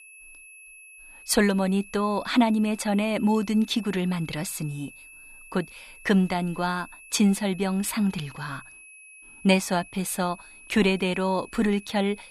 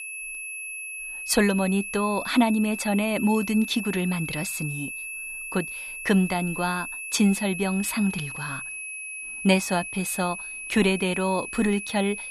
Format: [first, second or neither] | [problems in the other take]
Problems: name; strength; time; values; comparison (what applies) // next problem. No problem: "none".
first | high-pitched whine; loud; throughout; 2.5 kHz, 8 dB below the speech; faint in the first